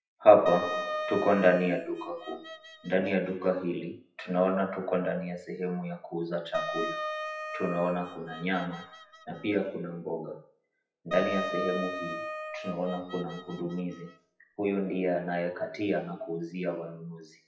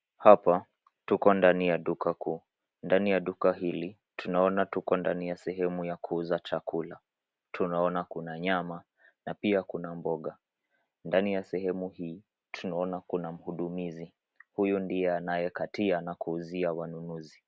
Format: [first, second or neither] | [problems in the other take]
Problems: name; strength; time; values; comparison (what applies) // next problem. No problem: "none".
second | noise reduction (classical method WPE with log-MMSE)